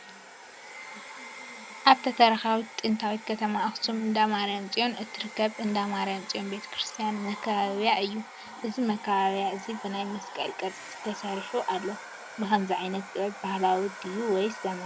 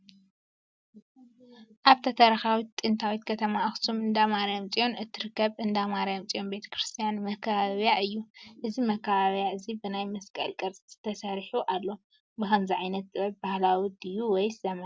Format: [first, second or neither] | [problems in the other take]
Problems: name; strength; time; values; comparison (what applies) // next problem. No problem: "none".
second | background sound (Domestic sounds, home sounds); 14 dB below the speech